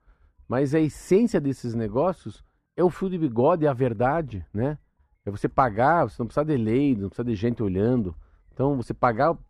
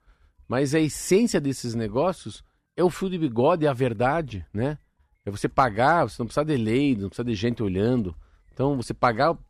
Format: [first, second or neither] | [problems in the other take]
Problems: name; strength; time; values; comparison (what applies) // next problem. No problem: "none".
second | muffled; slightly; fading above 2 kHz